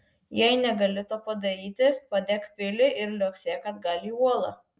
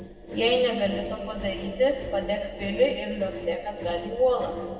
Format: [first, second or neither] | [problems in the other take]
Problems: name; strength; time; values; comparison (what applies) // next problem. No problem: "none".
first | background sound (Engine); 11 dB below the speech // room echo; dies away in 2.4 s